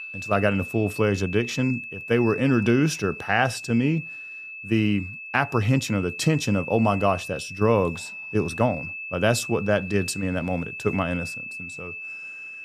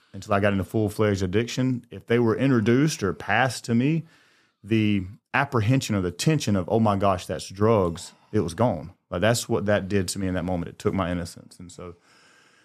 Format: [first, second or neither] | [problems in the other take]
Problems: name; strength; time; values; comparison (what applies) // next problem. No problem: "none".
second | high-pitched whine; loud; throughout; 2.5 kHz, 10 dB below the speech